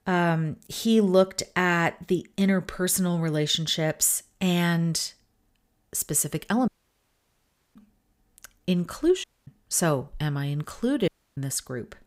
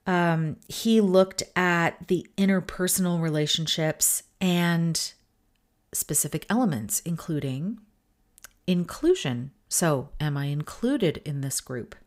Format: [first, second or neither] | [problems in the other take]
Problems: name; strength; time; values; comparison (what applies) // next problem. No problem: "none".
second | audio cutting out; at 6.5 s for 1 s, at 9 s and at 11 s